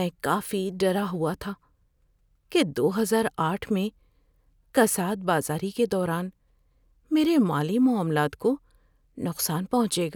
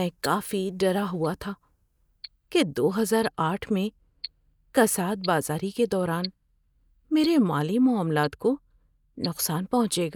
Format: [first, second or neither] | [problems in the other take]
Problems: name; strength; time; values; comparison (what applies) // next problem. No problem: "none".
first | noise reduction (neural mask model DeepFilterNet 3)